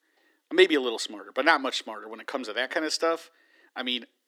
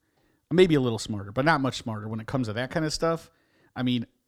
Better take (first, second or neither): second